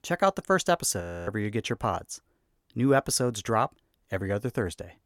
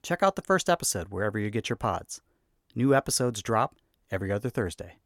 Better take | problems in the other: second | audio freezing; at 1 s

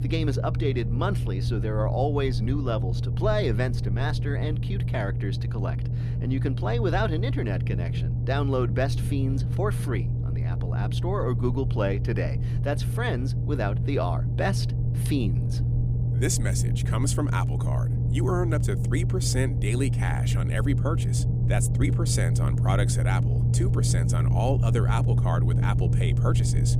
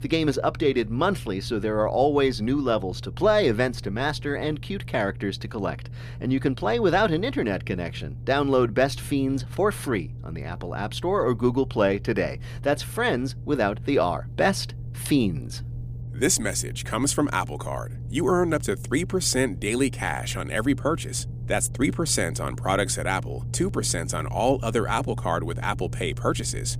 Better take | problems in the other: second | low rumble; loud; throughout; 6 dB below the speech; faint in the second

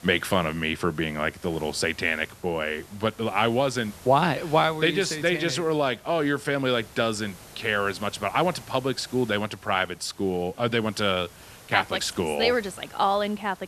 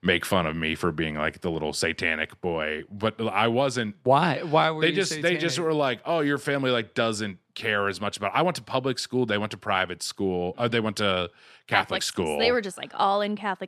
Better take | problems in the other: second | hiss; faint; throughout; 20 dB below the speech

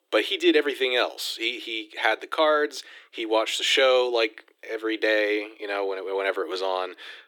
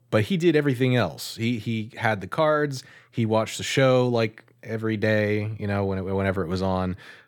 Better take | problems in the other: second | thin; very; fading below 300 Hz

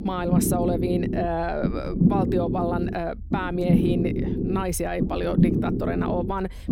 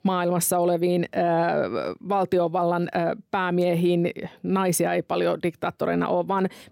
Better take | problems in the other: second | low rumble; loud; throughout; 3 dB below the speech

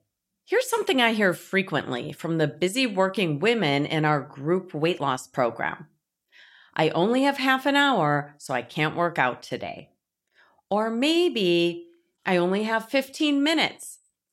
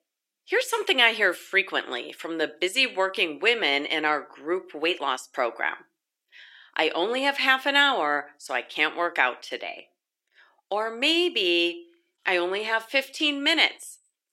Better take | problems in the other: first | thin; somewhat; fading below 350 Hz

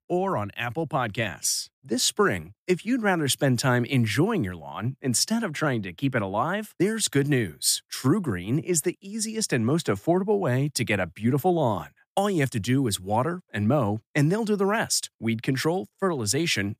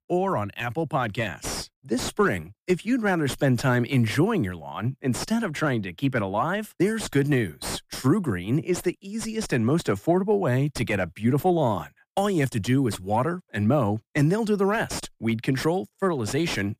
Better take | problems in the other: first | distortion; slight; 10 dB below the speech

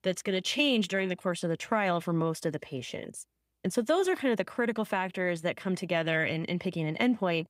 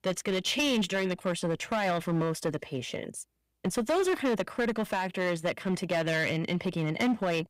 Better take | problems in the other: first | distortion; slight; 10% of the sound clipped

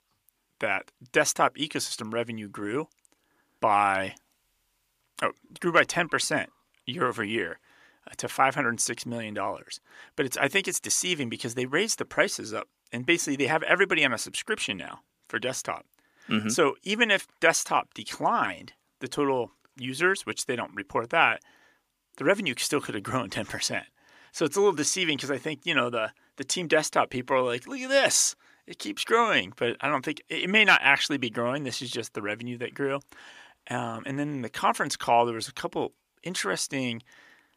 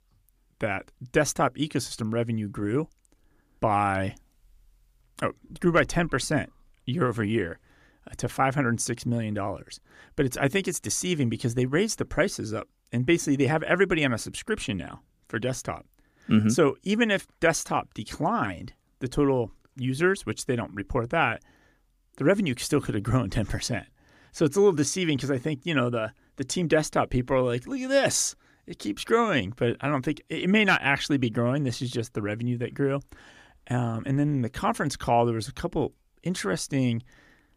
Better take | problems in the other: second | thin; somewhat; fading below 650 Hz

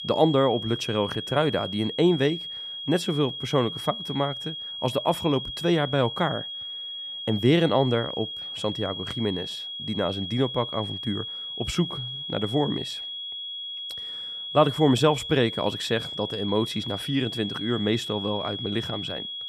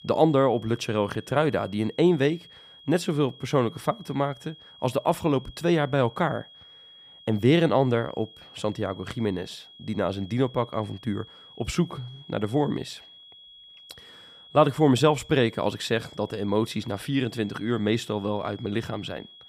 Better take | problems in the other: second | high-pitched whine; loud; throughout; 3.5 kHz, 6 dB below the speech; faint in the second

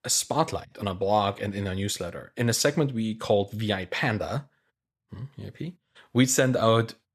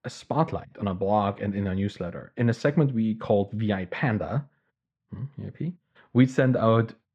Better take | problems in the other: first | muffled; very; fading above 2 kHz

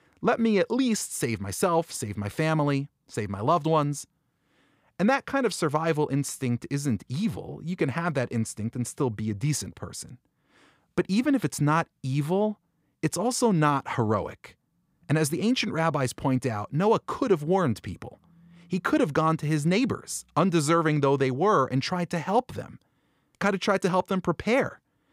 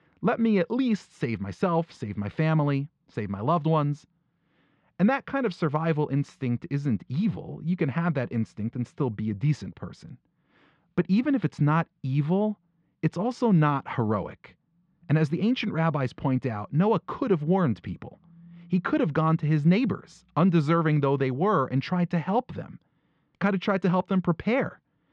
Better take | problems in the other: first | muffled; slightly; fading above 3.5 kHz

